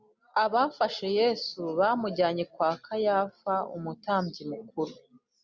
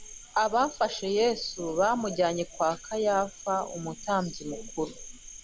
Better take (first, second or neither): first